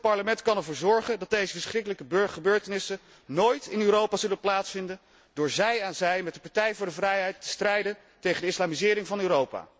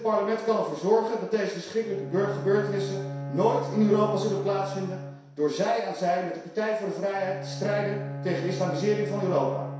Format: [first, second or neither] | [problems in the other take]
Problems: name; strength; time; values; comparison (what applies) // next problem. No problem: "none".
first | background sound (Bowed string instrument); 10 dB below the speech // room echo; dies away in 0.7 s